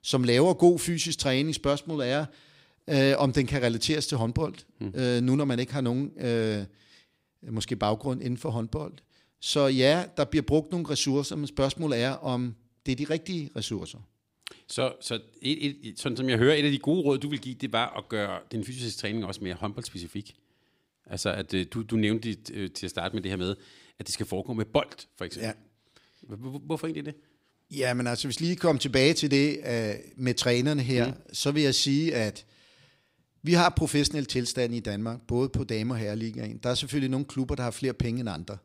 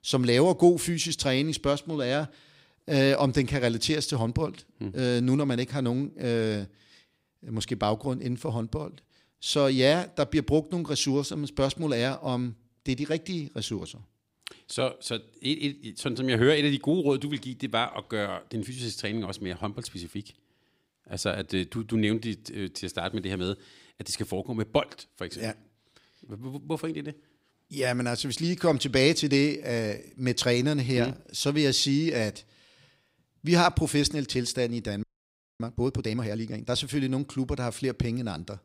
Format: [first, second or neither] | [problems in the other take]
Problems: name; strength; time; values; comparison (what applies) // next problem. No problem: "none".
first | audio freezing; at 35 s for 0.5 s